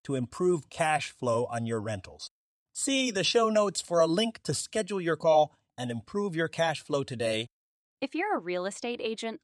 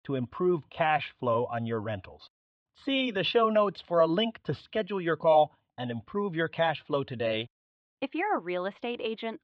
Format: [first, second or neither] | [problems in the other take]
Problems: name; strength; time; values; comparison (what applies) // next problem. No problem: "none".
first | muffled; very; fading above 3.5 kHz